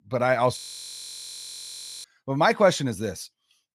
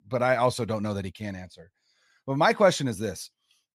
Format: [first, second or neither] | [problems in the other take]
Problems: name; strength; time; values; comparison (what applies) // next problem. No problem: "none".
second | audio freezing; at 0.5 s for 1.5 s